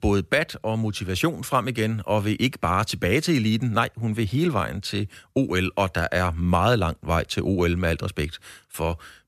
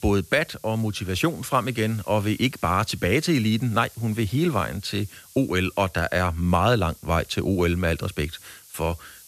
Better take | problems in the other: first | hiss; faint; throughout; 20 dB below the speech

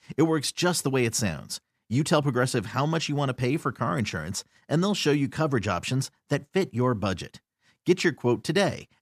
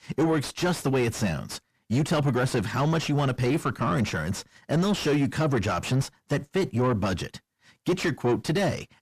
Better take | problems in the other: first | distortion; heavy; 7 dB below the speech

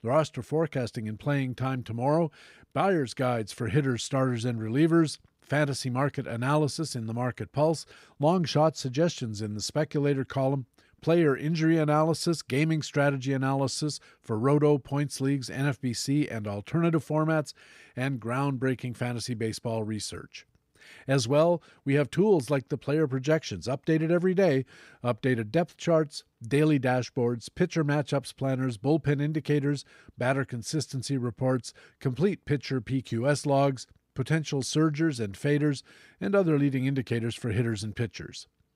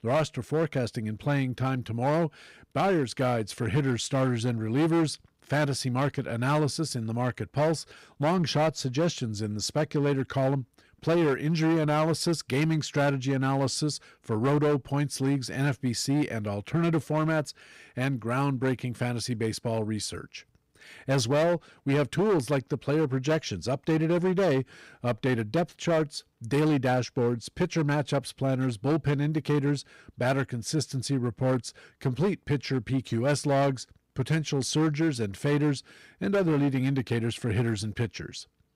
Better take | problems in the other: first | distortion; slight; 9% of the sound clipped

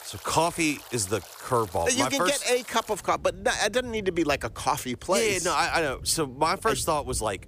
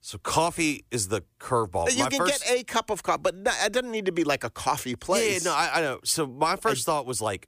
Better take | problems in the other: second | rain or running water; noticeable; throughout; 20 dB below the speech

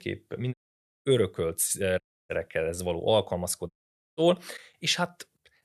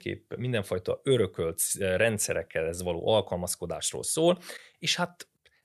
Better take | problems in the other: second | audio cutting out; at 0.5 s for 0.5 s, at 2 s and at 3.5 s

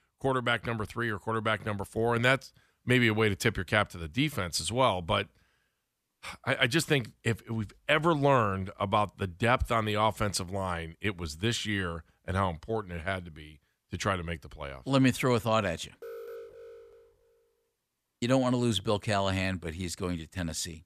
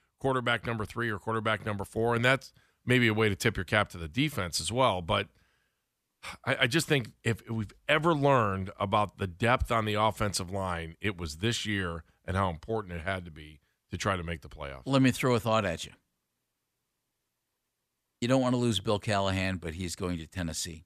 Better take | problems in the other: second | alarm; faint; from 16 to 17 s; peak 15 dB below the speech

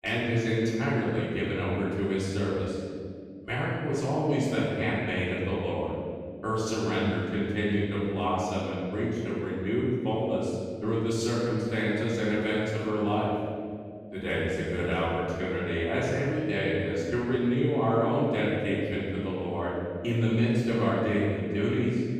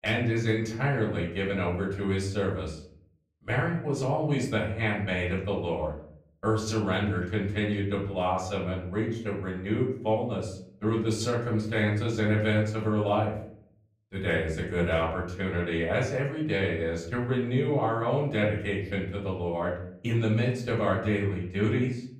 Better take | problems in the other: second | room echo; strong; dies away in 2.1 s; slight in the second // off-mic speech; far; far in the second

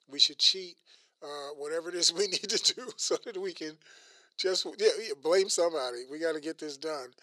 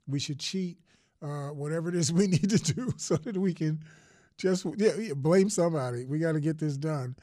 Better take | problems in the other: second | thin; very; fading below 400 Hz

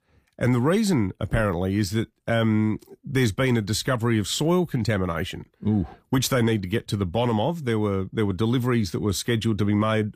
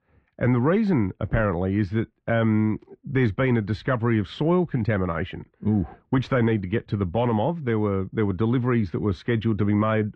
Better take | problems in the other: first | muffled; very; fading above 2.5 kHz

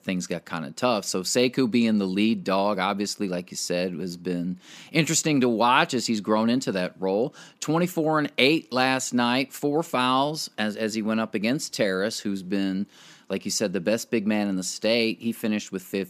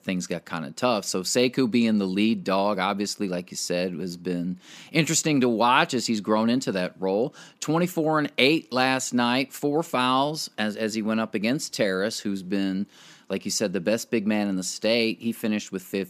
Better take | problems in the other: neither | none

